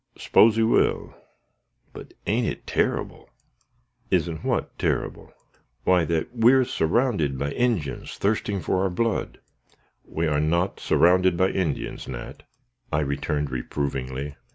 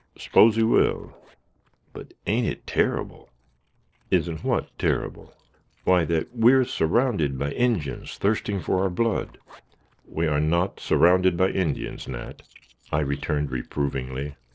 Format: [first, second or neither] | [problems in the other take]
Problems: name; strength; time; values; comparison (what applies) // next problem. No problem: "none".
first | noise reduction (neural separator model SepFormer DNS4)